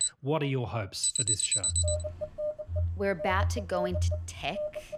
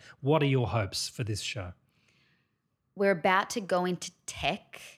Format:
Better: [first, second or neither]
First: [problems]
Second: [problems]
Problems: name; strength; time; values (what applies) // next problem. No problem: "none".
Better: second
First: alarms or sirens; very loud; throughout; 3 dB above the speech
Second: none